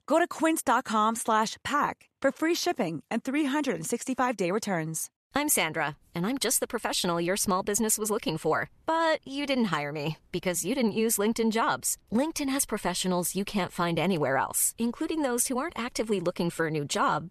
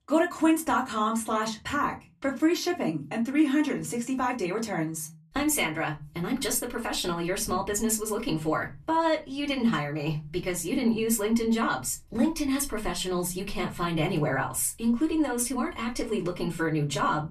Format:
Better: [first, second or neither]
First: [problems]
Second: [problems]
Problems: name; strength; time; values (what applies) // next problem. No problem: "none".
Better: first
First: none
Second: off-mic speech; far // room echo; very slight; dies away in 0.3 s